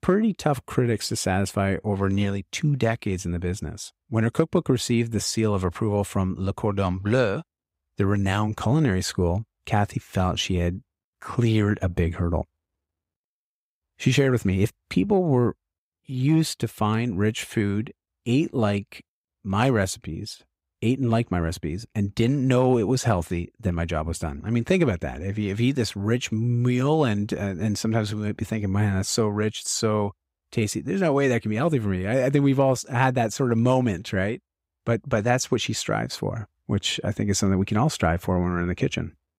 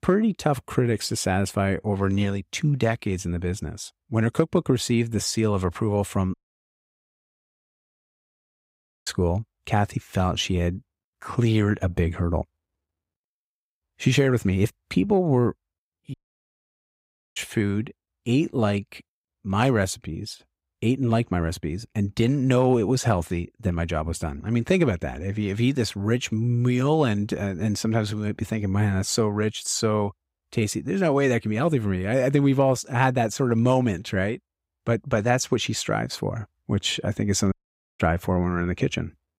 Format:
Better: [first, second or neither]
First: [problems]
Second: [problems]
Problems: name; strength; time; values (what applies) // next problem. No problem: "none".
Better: first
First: none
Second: audio cutting out; at 6.5 s for 2.5 s, at 16 s for 1 s and at 38 s